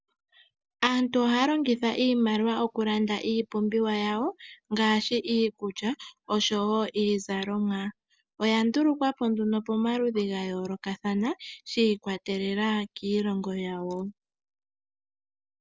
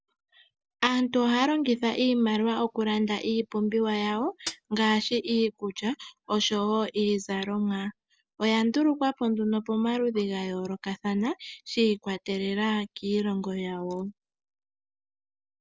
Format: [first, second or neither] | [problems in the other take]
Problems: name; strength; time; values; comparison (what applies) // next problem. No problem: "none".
first | background sound (Hi-hat); 14 dB below the speech